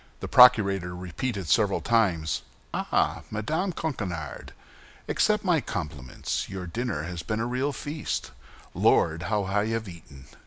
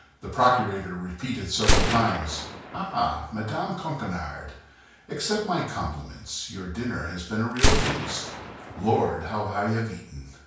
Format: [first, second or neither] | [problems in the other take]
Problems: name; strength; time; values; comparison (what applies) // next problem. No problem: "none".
first | background sound (Gunshot, gunfire); 1 dB below the speech // room echo; dies away in 0.5 s